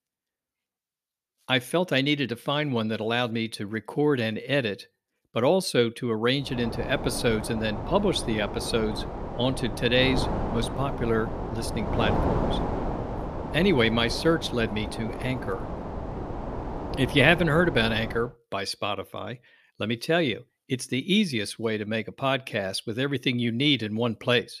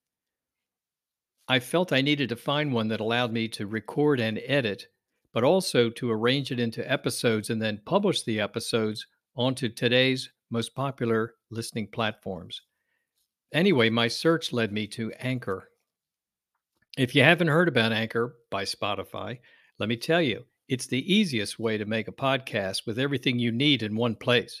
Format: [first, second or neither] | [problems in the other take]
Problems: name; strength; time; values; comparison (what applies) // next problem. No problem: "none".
second | wind noise on the microphone; heavy; from 6.5 to 18 s; 8 dB below the speech